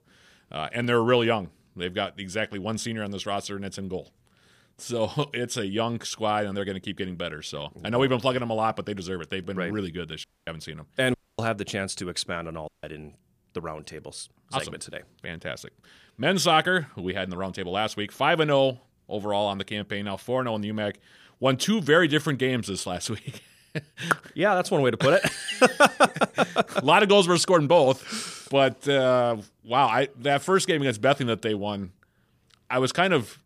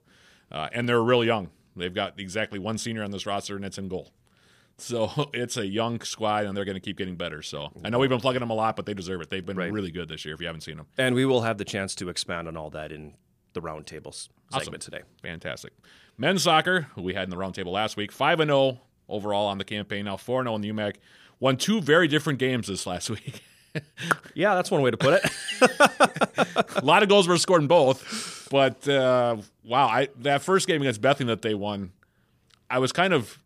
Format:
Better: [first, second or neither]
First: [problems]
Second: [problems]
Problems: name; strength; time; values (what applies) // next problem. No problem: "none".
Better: second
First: audio cutting out; at 10 s, at 11 s and at 13 s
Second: none